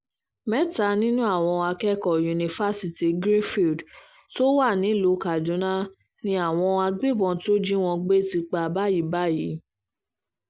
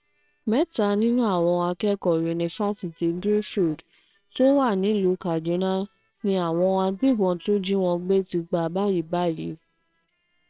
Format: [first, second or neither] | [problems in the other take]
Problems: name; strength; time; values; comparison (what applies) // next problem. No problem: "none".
first | noise reduction (neural separator model SepFormer WHAMR!)